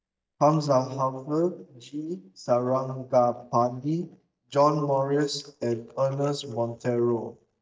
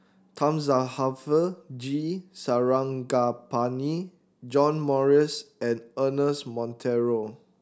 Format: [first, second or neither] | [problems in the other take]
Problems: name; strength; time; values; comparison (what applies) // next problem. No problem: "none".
second | noise reduction (neural mask model DeepFilterNet 3)